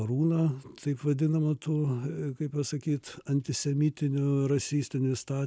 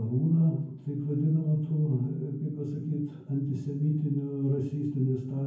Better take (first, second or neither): first